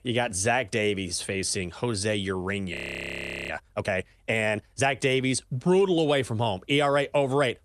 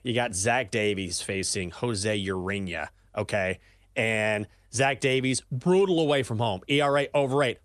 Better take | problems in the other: second | audio freezing; at 2.5 s for 1 s

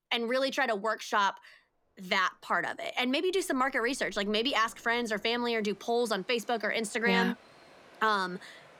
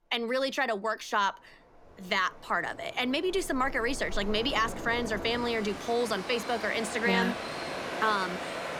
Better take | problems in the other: first | rain or running water; loud; throughout; 9 dB below the speech; faint in the first

